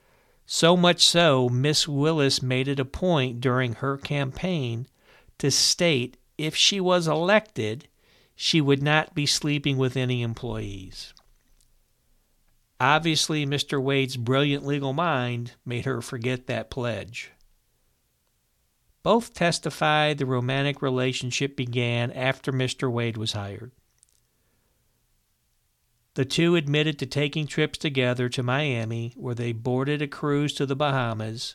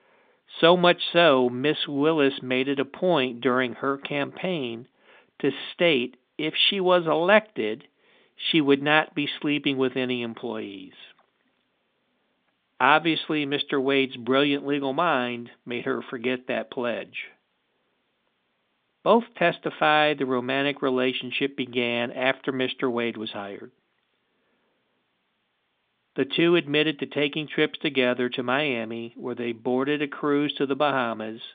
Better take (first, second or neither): first